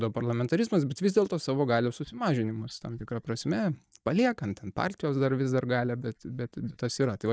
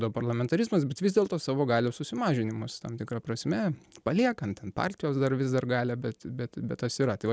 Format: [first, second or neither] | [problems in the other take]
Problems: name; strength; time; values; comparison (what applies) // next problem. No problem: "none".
second | noise reduction (neural mask model DeepFilterNet 3)